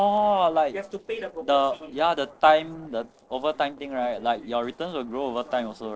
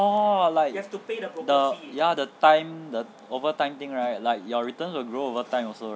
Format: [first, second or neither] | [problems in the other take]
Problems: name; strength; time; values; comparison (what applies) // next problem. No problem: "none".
second | noise reduction (neural separator model SepFormer DNS4)